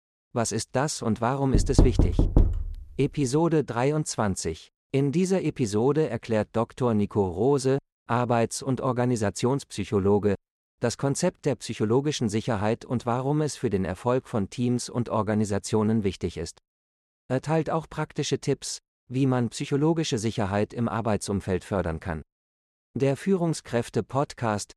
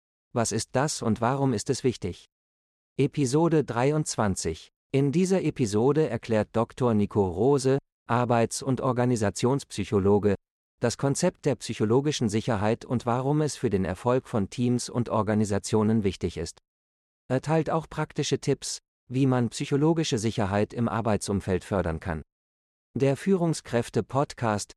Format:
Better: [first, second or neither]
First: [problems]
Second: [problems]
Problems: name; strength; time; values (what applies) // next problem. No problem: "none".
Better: second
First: door banging; loud; from 1.5 to 2.5 s; peak 4 dB above the speech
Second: none